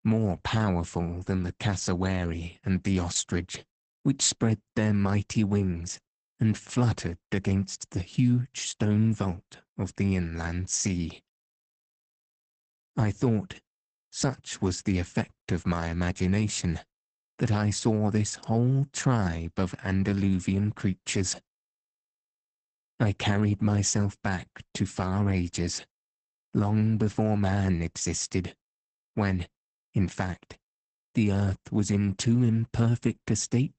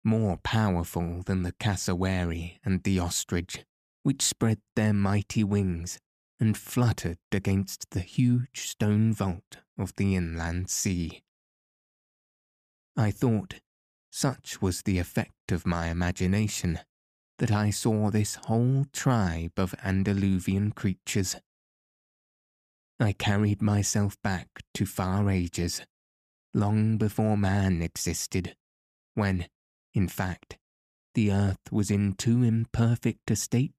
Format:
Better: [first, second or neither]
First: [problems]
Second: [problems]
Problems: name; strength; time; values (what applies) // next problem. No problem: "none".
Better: second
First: garbled, watery; badly; nothing above 8 kHz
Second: none